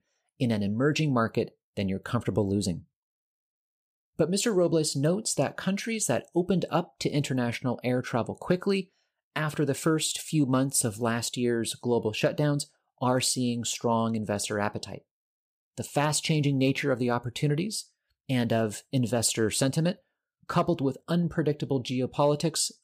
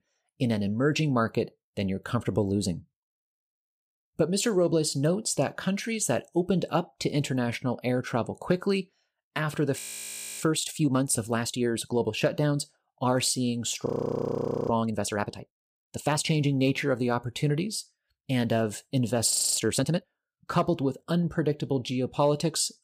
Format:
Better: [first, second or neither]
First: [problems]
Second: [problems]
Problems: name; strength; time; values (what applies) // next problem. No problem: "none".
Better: first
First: none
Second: audio freezing; at 10 s for 0.5 s, at 14 s for 1 s and at 19 s